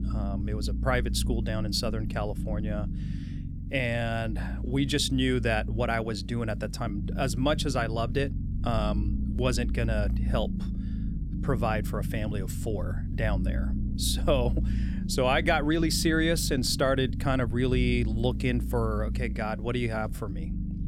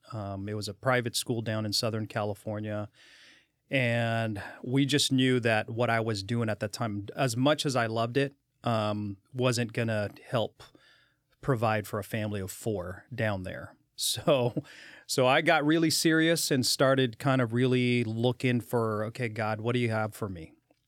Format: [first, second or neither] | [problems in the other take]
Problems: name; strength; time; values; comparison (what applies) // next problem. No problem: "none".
second | low rumble; noticeable; throughout; 15 dB below the speech